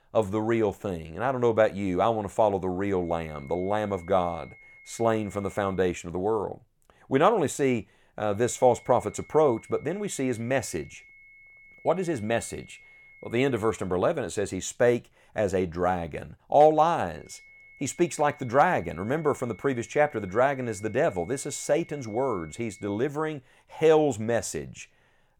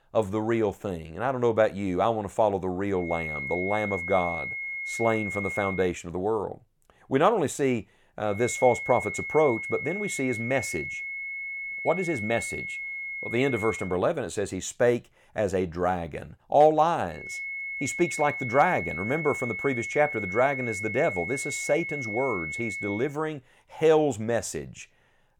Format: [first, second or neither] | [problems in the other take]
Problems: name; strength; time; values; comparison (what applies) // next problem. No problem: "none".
first | high-pitched whine; loud; from 3 to 6 s, from 8.5 to 14 s and from 17 to 23 s; 2 kHz, 5 dB below the speech; faint in the first